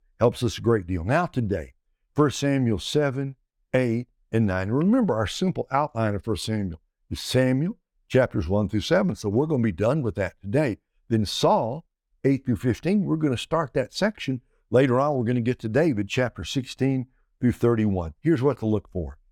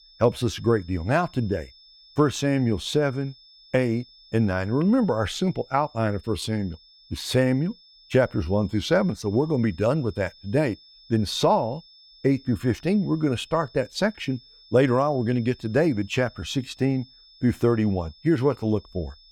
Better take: first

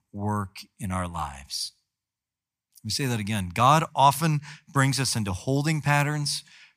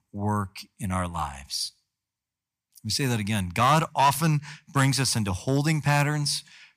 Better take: first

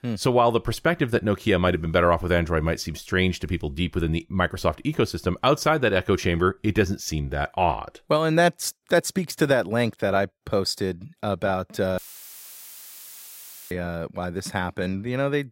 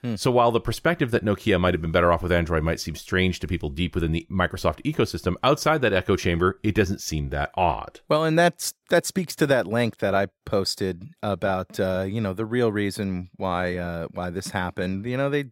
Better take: second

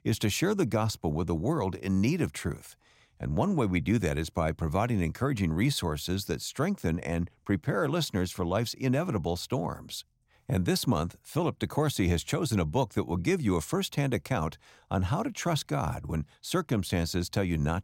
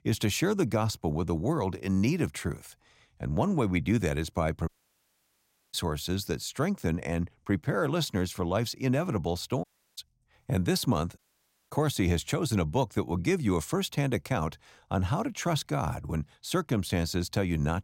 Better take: first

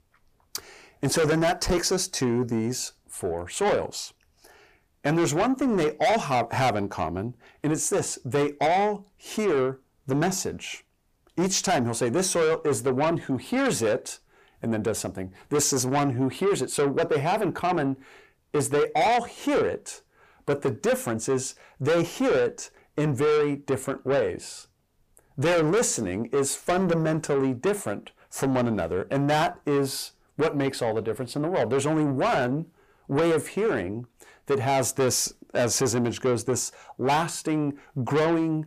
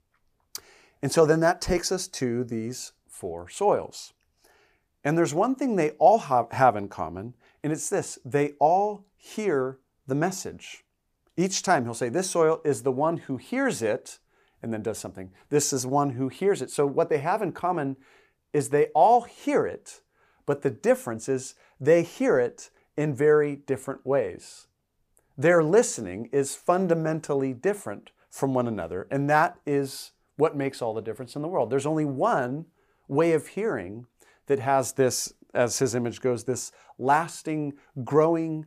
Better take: second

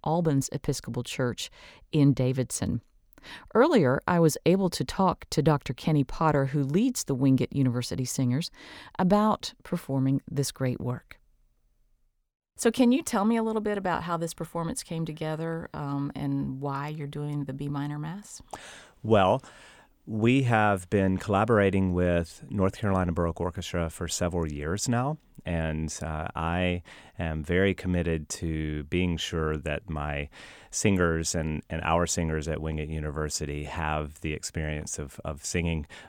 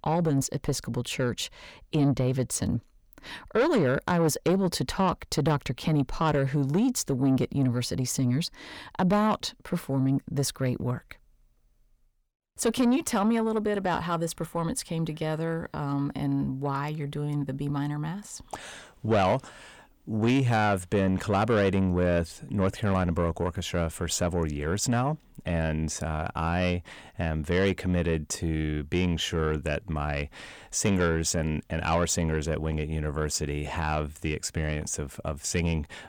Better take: first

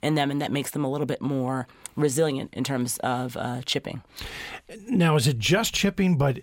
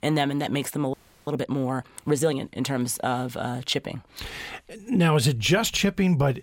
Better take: first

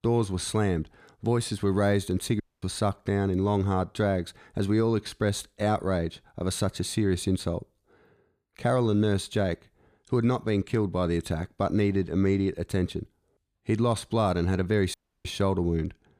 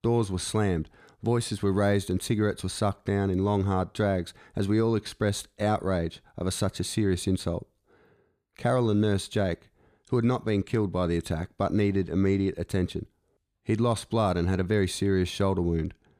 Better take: second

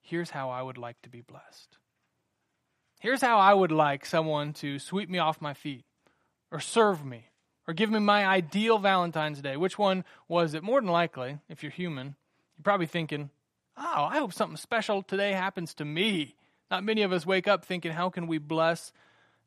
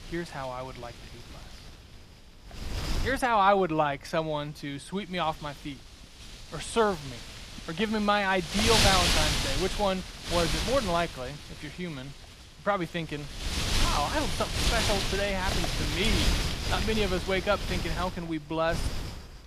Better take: first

